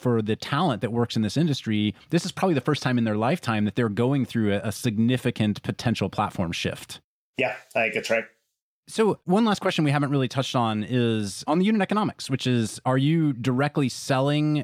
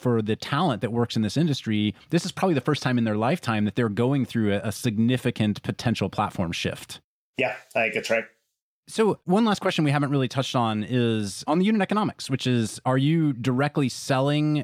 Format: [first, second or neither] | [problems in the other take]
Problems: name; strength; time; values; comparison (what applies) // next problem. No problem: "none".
neither | none